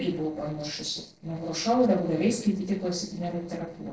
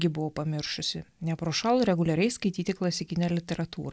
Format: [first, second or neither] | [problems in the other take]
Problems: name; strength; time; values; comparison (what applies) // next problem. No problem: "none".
second | noise reduction (neural separator model SepFormer DNS4)